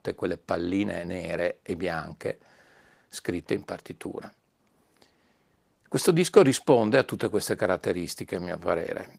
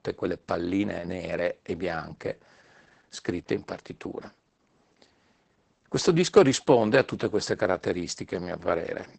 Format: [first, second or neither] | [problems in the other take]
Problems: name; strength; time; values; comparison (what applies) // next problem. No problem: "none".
first | garbled, watery; badly; nothing above 8 kHz; slightly in the first